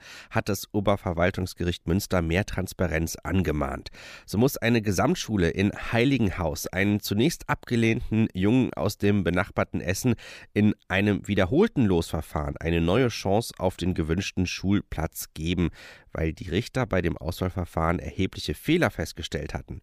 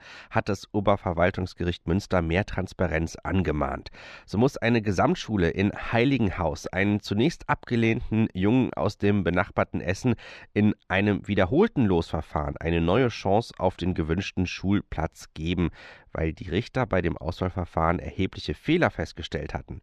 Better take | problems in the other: first | muffled; very slightly; fading above 4.5 kHz

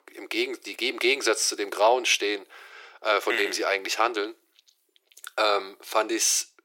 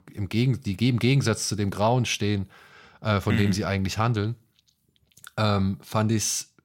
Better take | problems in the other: second | thin; very; fading below 350 Hz

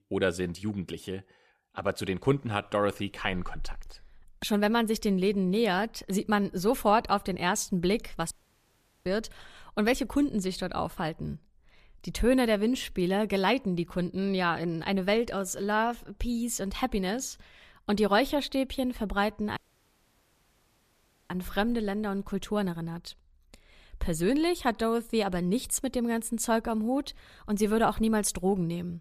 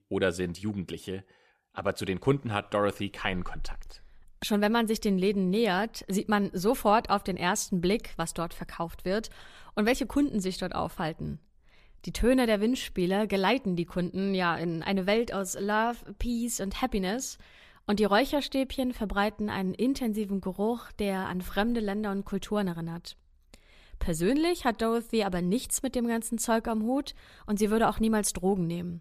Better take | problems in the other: second | audio cutting out; at 8.5 s for 1 s and at 20 s for 1.5 s

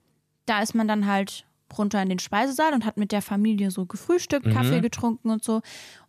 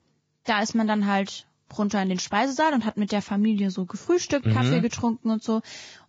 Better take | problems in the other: first | garbled, watery; badly; nothing above 6 kHz

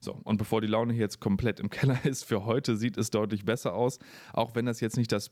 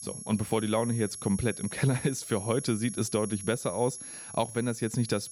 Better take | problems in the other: first | high-pitched whine; loud; throughout; 11 kHz, 9 dB below the speech

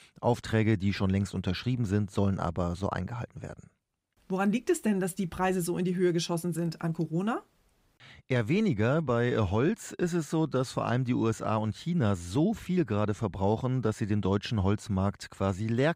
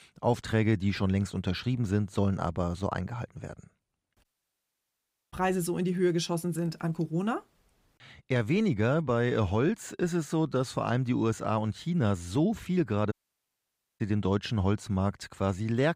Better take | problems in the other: first | audio cutting out; at 4 s for 1 s and at 13 s for 1 s

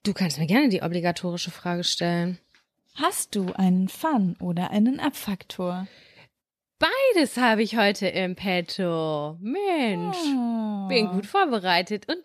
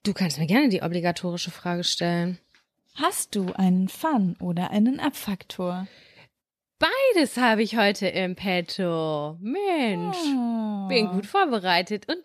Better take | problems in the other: neither | none

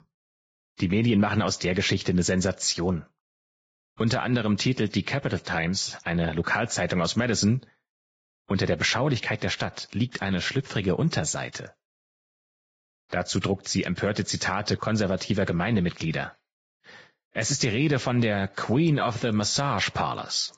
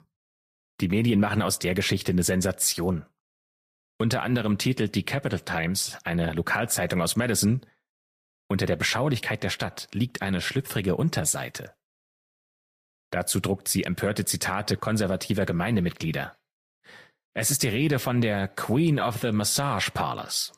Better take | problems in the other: second | garbled, watery; badly; nothing above 7.5 kHz; slightly in the second

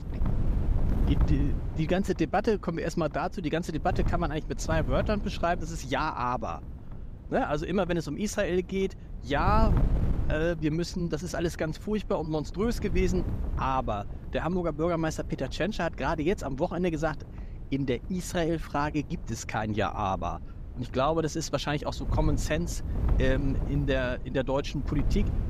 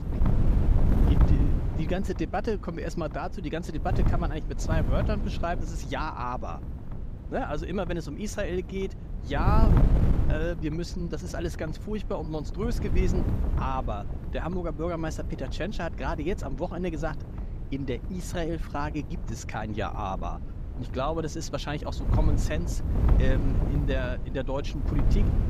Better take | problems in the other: first | wind noise on the microphone; heavy; 8 dB below the speech; occasional gusts in the first

